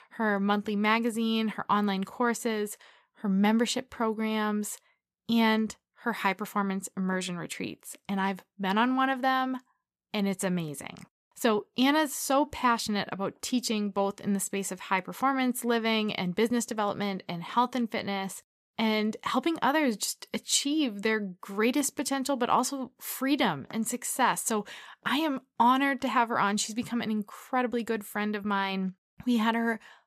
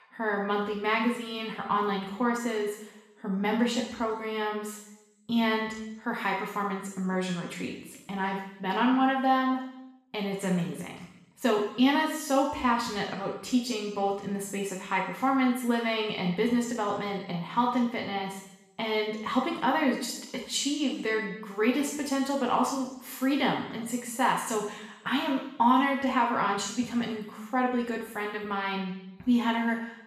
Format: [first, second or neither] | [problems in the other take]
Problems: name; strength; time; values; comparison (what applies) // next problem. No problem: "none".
first | room echo; noticeable; dies away in 0.8 s // off-mic speech; far